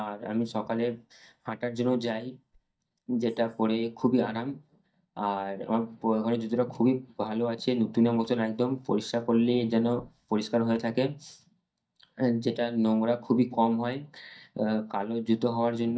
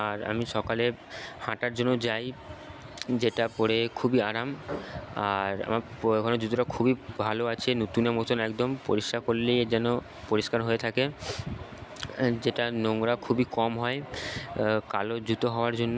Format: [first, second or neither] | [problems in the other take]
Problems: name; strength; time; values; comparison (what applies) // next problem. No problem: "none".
second | noise reduction (neural mask model DeepFilterNet 3)